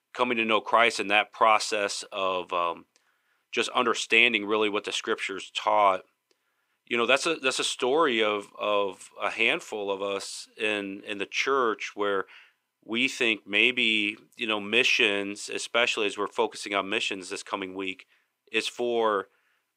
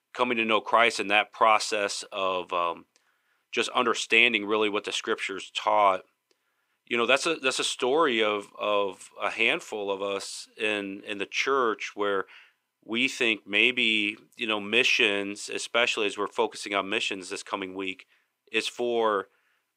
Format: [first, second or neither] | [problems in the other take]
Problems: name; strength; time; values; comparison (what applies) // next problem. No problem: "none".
neither | thin; somewhat; fading below 400 Hz; the same in both